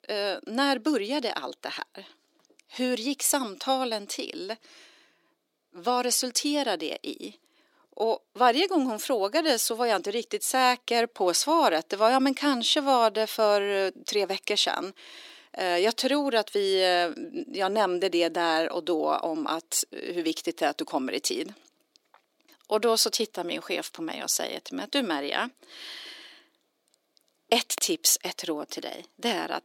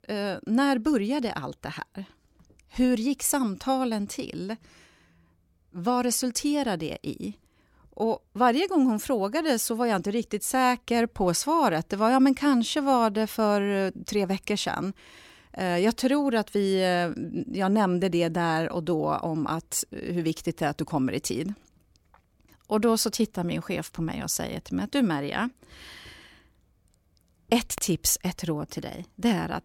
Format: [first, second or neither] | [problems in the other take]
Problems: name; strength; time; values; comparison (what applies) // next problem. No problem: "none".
second | thin; somewhat; fading below 300 Hz